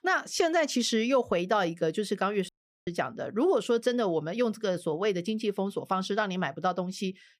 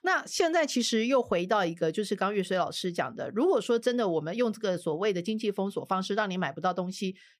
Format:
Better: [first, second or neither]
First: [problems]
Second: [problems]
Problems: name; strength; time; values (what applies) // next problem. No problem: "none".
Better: second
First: audio cutting out; at 2.5 s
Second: none